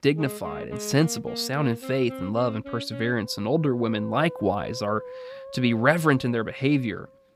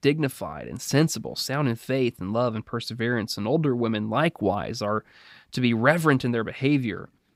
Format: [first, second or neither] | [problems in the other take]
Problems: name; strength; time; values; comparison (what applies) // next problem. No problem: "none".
second | background music; noticeable; throughout; 15 dB below the speech